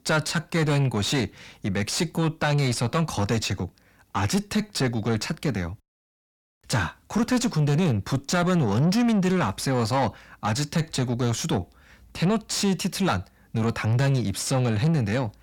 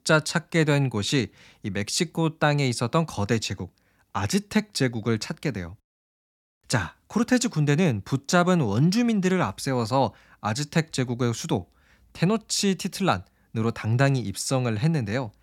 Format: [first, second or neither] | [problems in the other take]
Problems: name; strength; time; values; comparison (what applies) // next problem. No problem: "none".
second | distortion; heavy; 7 dB below the speech